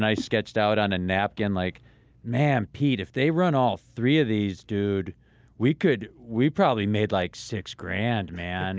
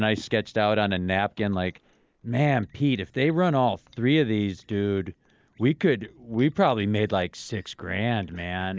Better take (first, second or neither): first